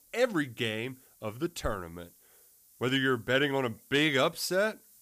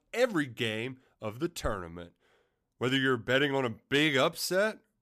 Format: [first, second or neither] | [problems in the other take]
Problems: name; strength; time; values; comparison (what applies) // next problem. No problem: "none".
second | hiss; faint; throughout; 30 dB below the speech